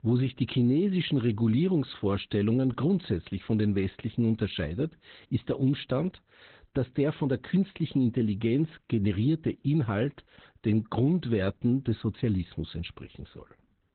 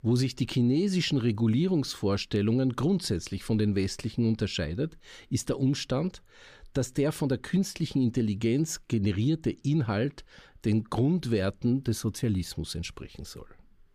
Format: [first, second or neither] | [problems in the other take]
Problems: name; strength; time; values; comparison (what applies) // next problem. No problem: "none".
second | garbled, watery; badly; nothing above 4 kHz